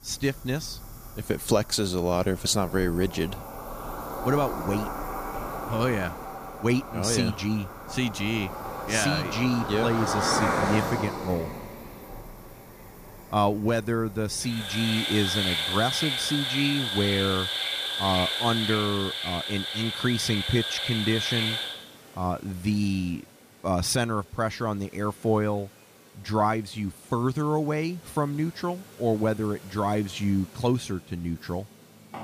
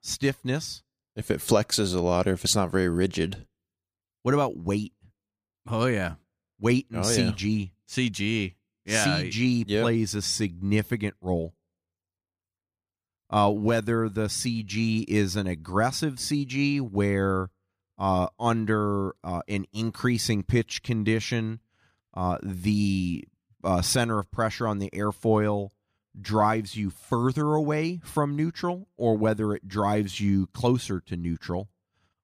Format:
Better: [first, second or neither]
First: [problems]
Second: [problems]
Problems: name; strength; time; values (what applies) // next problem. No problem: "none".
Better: second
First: animal sounds; loud; throughout; 2 dB below the speech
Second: none